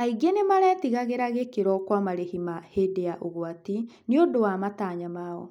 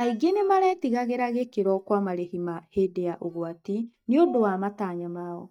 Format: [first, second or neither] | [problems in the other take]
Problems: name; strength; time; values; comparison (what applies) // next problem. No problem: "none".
first | noise reduction (neural mask model DeepFilterNet 3)